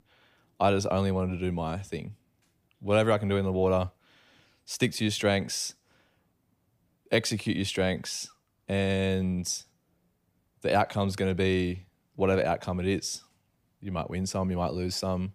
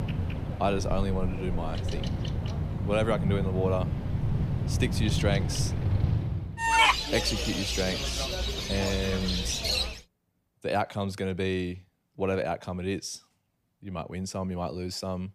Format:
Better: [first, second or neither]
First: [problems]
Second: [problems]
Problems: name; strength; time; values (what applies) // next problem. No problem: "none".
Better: first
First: none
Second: animal sounds; very loud; until 10 s; 2 dB above the speech